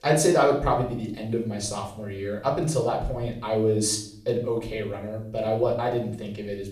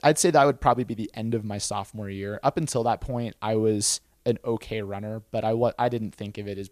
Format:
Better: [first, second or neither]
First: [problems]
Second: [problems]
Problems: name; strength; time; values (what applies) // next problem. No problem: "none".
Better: second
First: off-mic speech; far // room echo; slight; dies away in 0.6 s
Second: none